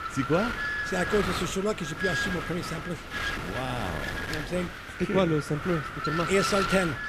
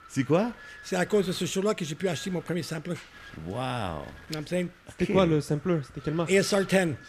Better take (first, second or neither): second